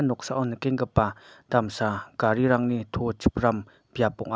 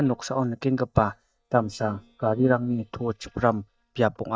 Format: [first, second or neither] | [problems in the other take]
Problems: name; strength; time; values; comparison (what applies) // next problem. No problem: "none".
first | noise reduction (neural mask model DeepFilterNet 3)